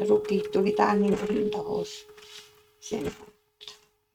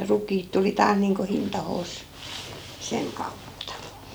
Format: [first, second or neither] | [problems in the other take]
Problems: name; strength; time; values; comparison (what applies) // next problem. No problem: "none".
second | noise reduction (neural mask model RNNoise)